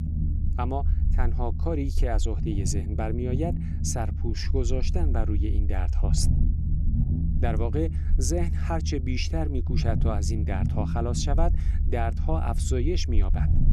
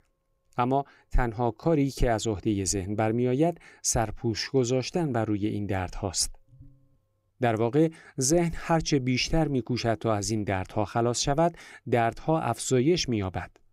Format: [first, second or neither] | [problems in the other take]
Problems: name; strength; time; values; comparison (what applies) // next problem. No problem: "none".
second | low rumble; loud; throughout; 9 dB below the speech